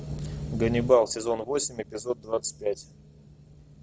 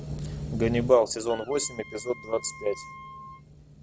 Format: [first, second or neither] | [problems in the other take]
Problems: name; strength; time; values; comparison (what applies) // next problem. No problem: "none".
first | background sound (Wind instrument, woodwind instrument); 18 dB below the speech